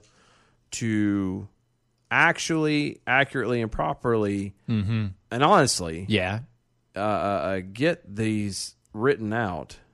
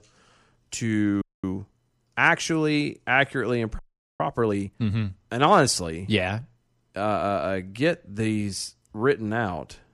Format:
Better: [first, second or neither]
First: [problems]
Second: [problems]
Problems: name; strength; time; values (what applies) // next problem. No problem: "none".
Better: first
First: none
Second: audio freezing; at 1 s and at 4 s